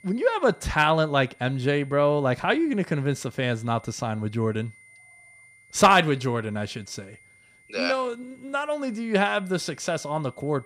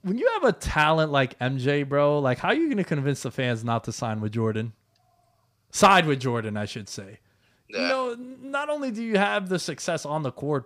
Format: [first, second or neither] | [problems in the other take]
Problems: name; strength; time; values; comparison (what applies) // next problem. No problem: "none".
second | high-pitched whine; faint; throughout; 2 kHz, 30 dB below the speech